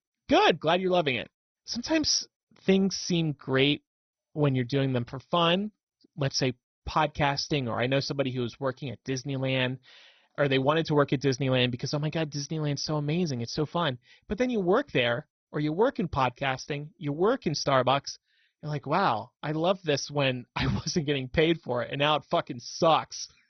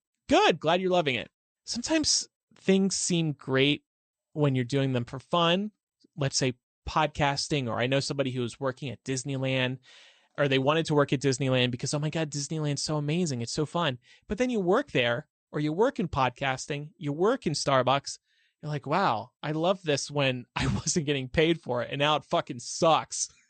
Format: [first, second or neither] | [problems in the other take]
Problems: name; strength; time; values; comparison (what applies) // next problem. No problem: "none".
second | garbled, watery; badly; nothing above 6 kHz; slightly in the second